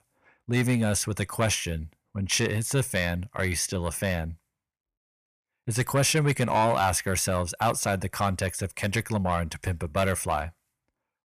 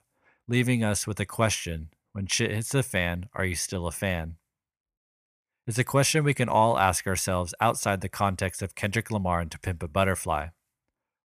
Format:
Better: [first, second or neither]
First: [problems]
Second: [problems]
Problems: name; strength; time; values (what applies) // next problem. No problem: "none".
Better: second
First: distortion; slight; 10 dB below the speech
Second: none